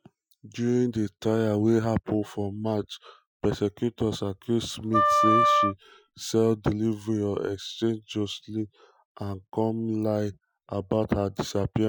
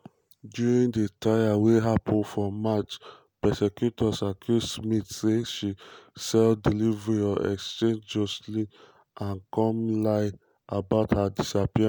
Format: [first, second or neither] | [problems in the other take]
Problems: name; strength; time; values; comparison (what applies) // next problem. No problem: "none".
second | noise reduction (classical method Wiener filter)